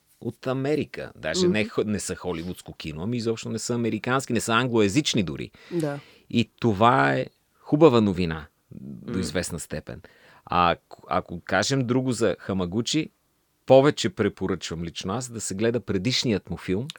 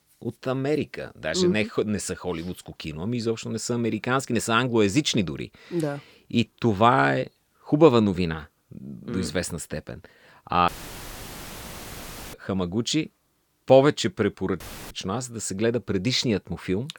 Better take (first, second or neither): first